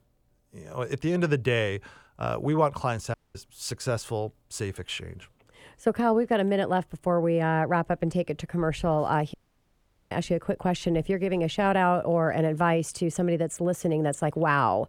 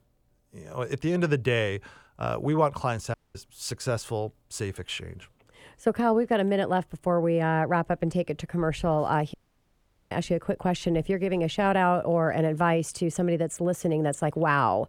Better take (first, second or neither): neither